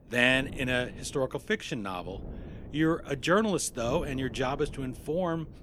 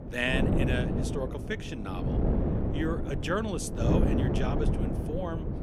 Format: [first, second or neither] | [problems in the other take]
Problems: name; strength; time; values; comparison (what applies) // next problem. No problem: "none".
first | wind noise on the microphone; heavy; 2 dB below the speech; occasional gusts in the first